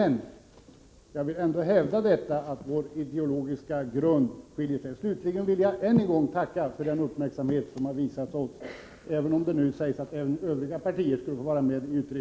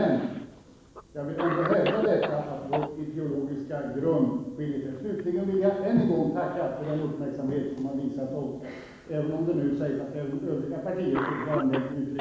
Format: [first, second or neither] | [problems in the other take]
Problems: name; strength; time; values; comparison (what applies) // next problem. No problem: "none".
first | background sound (Cough); 11 dB below the speech // room echo; dies away in 0.9 s